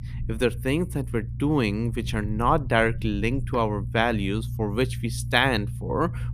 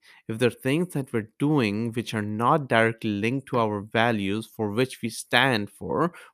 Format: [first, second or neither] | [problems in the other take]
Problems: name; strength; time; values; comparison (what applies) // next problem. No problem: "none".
second | low rumble; faint; throughout; 20 dB below the speech